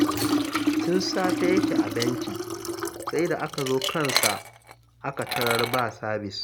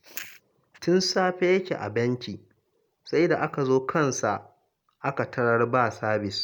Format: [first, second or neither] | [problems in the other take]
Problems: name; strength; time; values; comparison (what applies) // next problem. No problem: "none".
second | background sound (Liquid); 1 dB above the speech